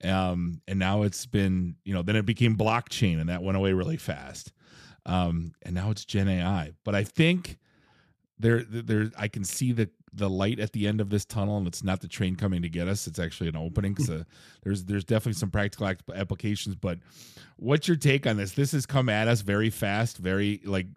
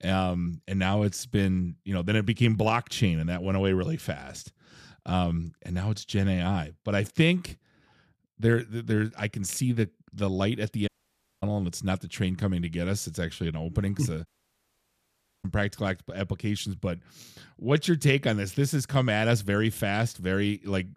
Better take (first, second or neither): first